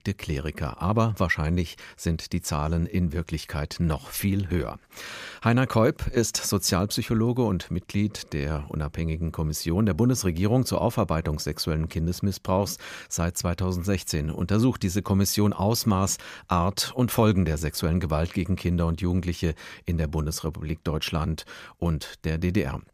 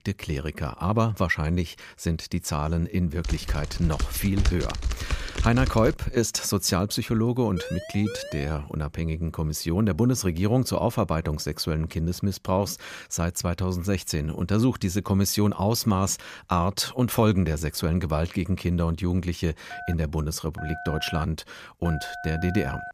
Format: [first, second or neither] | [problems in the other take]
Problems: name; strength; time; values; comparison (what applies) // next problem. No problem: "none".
first | keyboard typing; noticeable; from 3.5 to 6 s; peak 2 dB below the speech // siren; faint; at 7.5 s; peak 10 dB below the speech // phone ringing; noticeable; from 20 s on; peak 10 dB below the speech